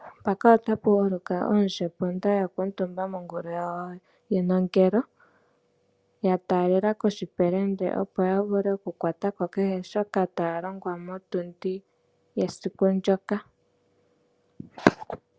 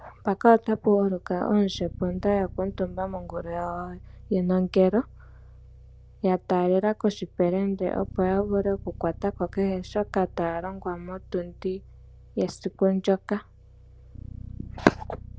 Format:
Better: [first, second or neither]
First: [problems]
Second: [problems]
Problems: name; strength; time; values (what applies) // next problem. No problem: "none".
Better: first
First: none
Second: background sound (Bass guitar); 17 dB below the speech